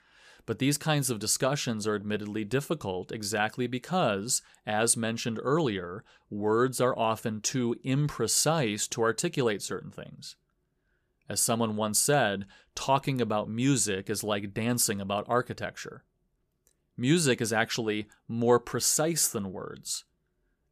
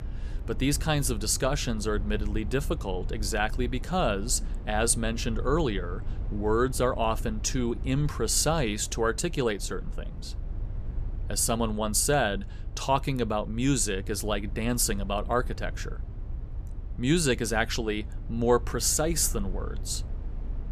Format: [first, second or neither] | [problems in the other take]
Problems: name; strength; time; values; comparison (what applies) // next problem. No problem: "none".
first | low rumble; faint; throughout; 25 dB below the speech